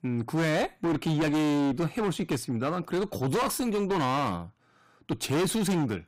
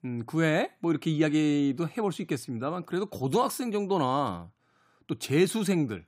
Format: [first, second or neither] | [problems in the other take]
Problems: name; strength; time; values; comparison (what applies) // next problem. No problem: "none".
second | distortion; heavy; 25% of the sound clipped